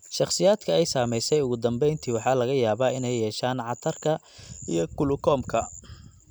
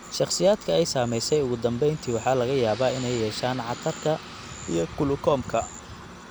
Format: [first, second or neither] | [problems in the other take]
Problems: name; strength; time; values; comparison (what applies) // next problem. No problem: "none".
first | background sound (Aircraft); 16 dB below the speech